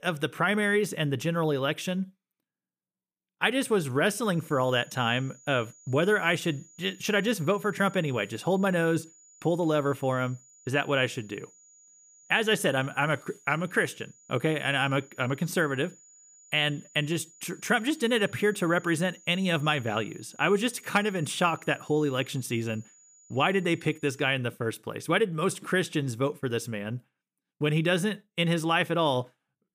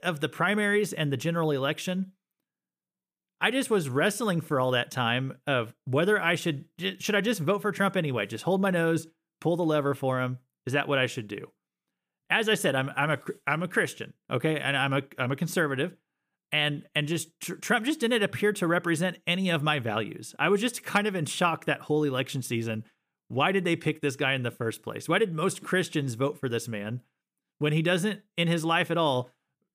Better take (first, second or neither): second